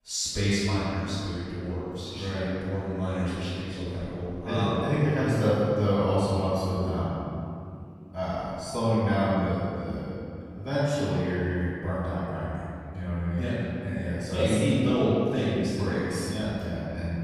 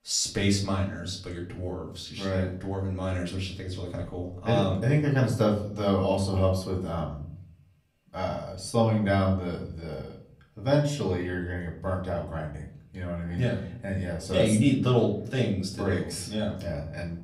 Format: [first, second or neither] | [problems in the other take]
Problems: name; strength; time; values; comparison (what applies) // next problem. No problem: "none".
second | room echo; strong; dies away in 2.4 s; slight in the second // off-mic speech; far; far in the second